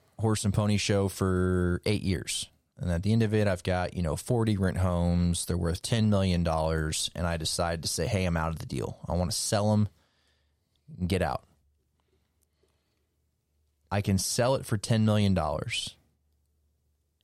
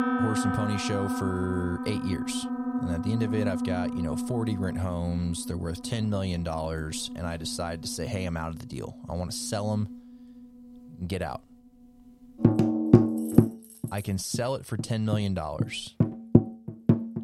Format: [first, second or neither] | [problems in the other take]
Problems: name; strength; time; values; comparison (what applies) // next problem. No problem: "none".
first | background music; very loud; throughout; 3 dB above the speech